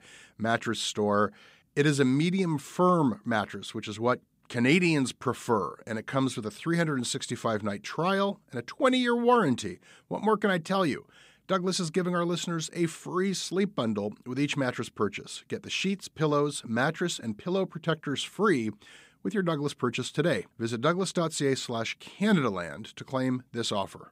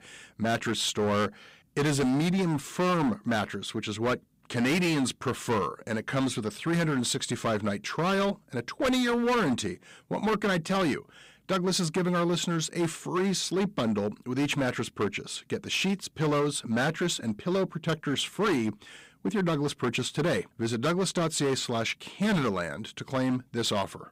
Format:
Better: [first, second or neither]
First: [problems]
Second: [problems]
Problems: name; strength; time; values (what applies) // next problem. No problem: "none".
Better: first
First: none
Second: distortion; heavy; 15% of the sound clipped